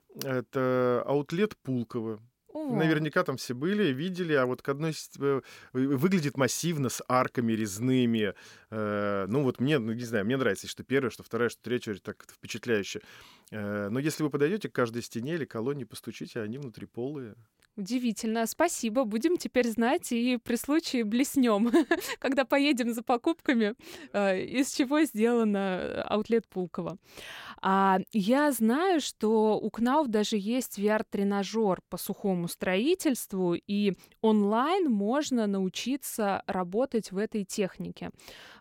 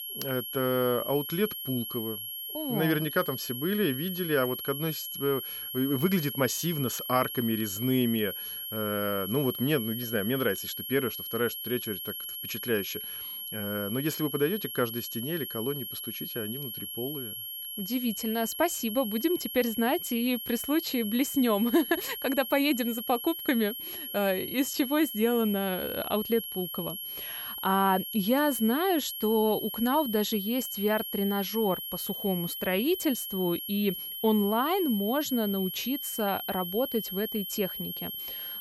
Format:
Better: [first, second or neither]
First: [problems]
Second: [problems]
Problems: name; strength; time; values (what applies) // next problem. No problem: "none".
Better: first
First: none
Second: high-pitched whine; loud; throughout; 3 kHz, 5 dB below the speech